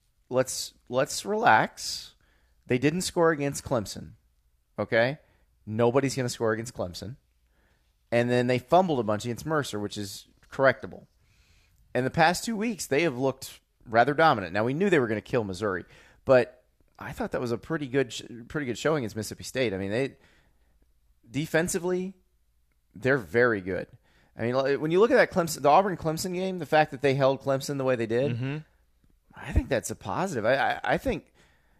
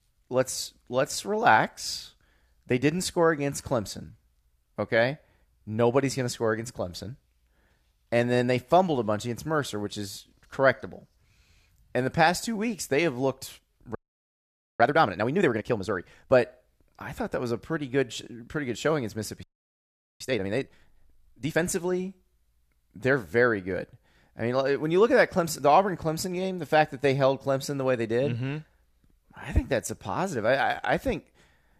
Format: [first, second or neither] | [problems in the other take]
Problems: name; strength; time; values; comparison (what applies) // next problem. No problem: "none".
first | audio freezing; at 14 s for 1 s and at 19 s for 1 s